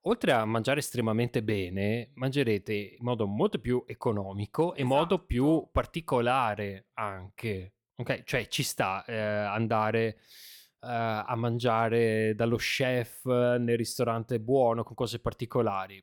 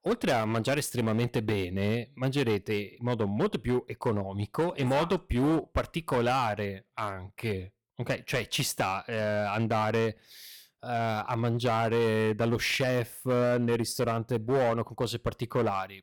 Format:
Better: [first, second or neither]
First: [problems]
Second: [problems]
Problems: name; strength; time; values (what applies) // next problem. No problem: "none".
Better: first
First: none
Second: distortion; slight; 9% of the sound clipped